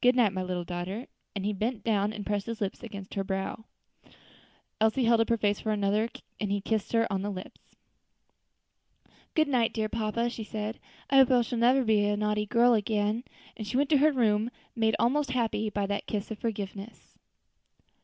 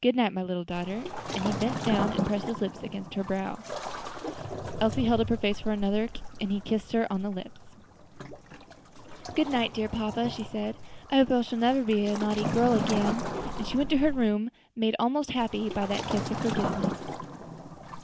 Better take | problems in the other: first | background sound (Waves, surf); 6 dB below the speech

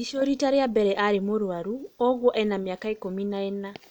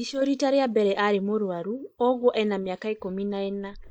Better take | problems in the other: first | noise reduction (neural mask model Resemble Enhance denoiser)

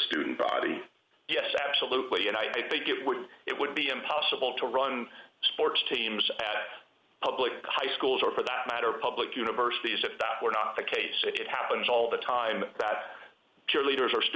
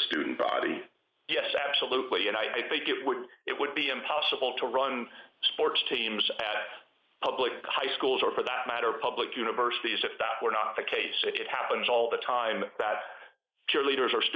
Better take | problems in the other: first | noise reduction (neural mask model Resemble Enhance denoiser)

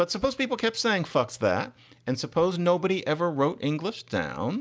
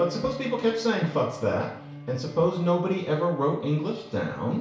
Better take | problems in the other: first | background sound (Bowed string instrument); 17 dB below the speech // room echo; dies away in 0.6 s

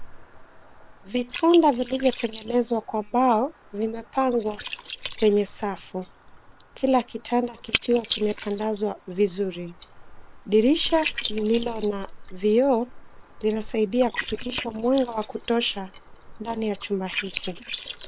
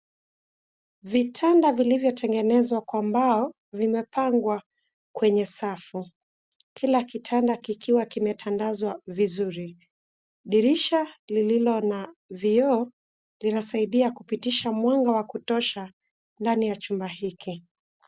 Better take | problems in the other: second | noise reduction (neural separator model SepFormer WHAM!)

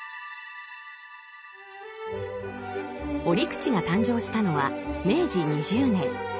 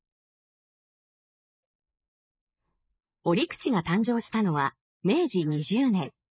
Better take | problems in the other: first | noise reduction (neural mask model Resemble Enhance denoiser)

